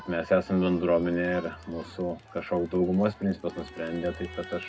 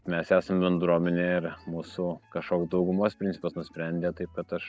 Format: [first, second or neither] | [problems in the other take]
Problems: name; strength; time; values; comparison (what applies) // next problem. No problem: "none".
second | background sound (Crowd); 20 dB below the speech // room echo; dies away in 0.2 s